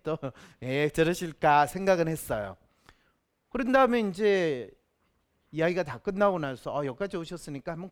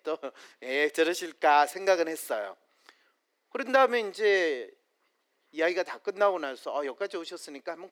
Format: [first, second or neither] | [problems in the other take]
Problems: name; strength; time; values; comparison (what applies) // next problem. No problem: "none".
first | thin; somewhat; fading below 300 Hz